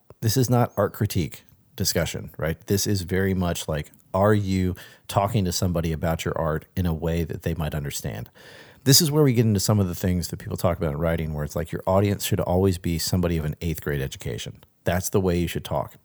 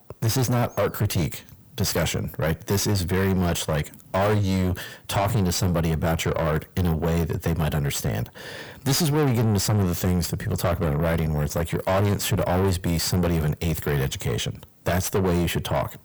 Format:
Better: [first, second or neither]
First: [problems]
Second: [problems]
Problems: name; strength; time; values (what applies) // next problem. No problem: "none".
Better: first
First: none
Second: distortion; heavy; 6 dB below the speech